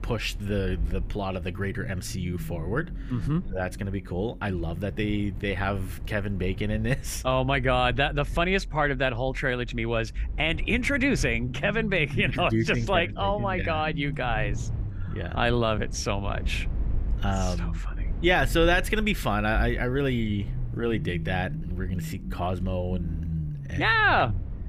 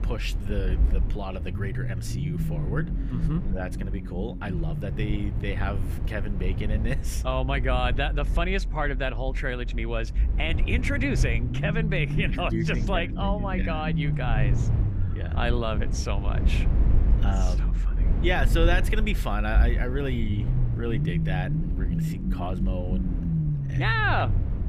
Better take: first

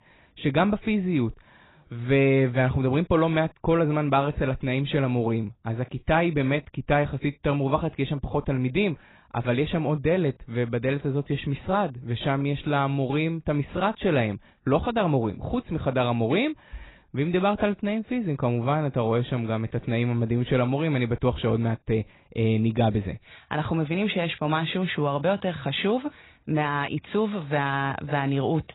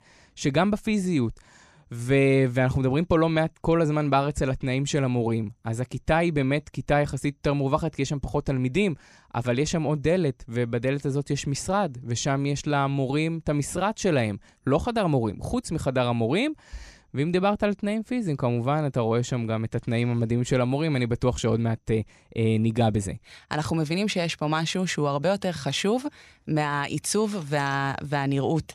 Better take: second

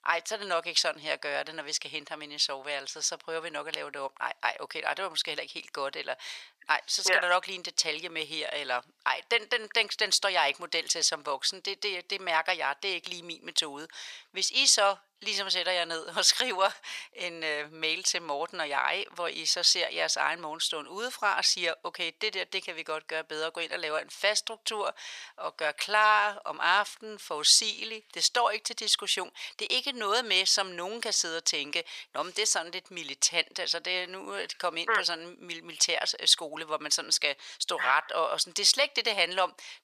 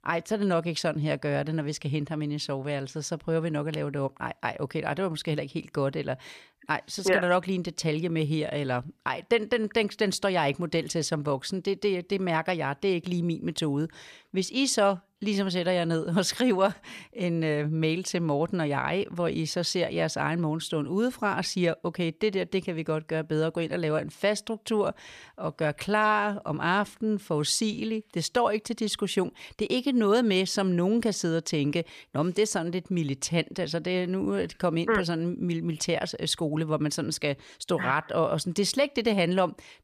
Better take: second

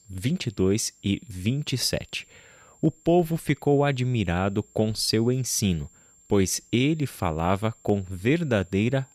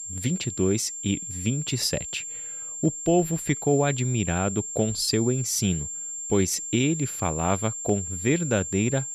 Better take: first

